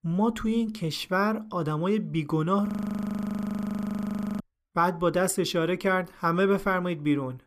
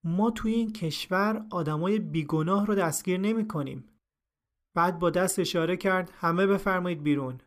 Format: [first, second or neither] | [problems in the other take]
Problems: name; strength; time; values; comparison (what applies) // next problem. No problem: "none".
second | audio freezing; at 2.5 s for 1.5 s